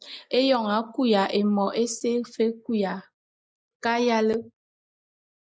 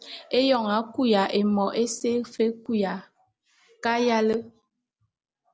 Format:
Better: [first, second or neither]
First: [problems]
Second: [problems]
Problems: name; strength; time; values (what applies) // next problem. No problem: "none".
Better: second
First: noise reduction (neural mask model Resemble Enhance denoiser)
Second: none